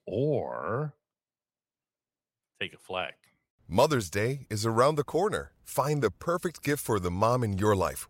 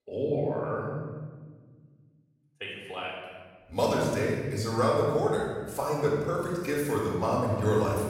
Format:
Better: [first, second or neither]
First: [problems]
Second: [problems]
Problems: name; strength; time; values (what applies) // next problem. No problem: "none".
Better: first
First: none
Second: off-mic speech; far // room echo; strong; dies away in 1.4 s